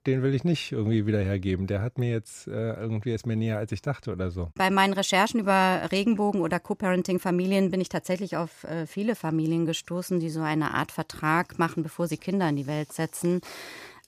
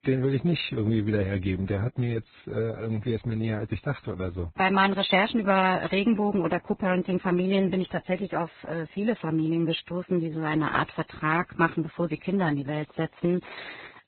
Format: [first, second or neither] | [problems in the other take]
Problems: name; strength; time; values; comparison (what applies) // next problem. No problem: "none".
first | garbled, watery; badly; nothing above 4 kHz